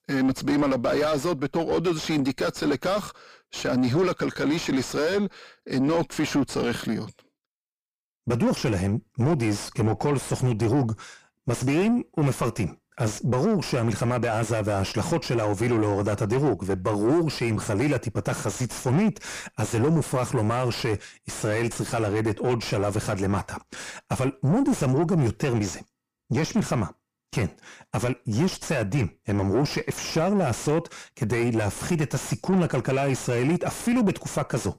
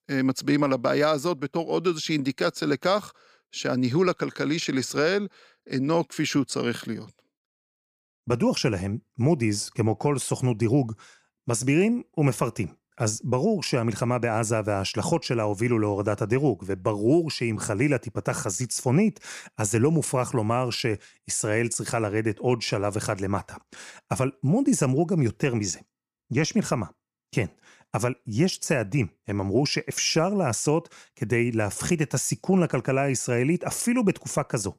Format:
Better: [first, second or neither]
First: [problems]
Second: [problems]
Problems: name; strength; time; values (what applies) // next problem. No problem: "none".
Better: second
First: distortion; heavy; 7 dB below the speech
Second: none